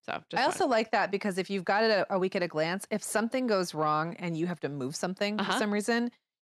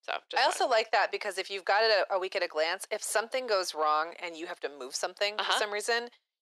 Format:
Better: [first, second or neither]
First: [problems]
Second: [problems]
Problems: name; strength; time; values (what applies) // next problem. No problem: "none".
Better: first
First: none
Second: thin; very; fading below 450 Hz